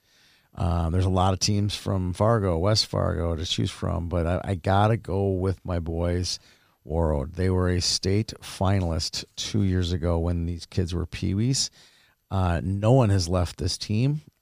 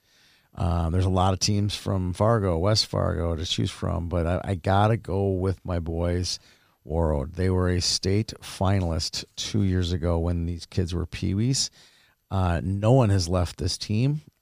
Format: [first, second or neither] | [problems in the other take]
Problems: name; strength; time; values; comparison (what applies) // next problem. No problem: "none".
neither | none